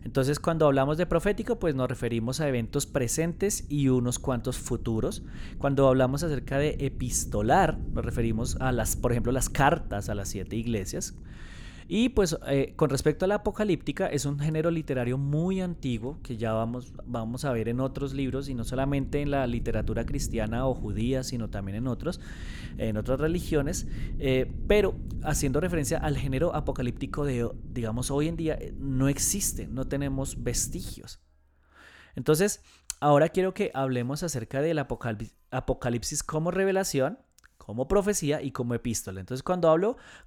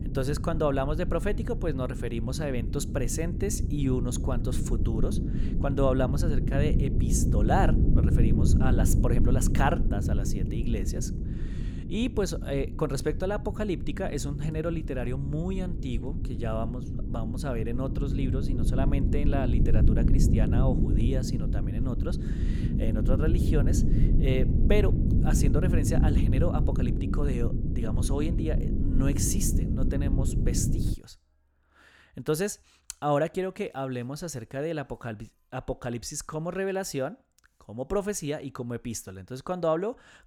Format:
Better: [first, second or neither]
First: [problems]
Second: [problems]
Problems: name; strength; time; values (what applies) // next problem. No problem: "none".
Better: first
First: low rumble; faint; until 31 s; 20 dB below the speech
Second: low rumble; loud; until 31 s; 6 dB below the speech